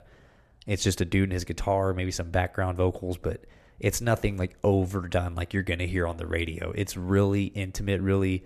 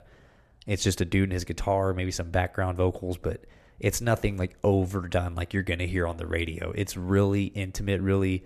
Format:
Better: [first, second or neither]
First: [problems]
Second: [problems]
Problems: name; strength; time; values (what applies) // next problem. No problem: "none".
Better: neither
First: none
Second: none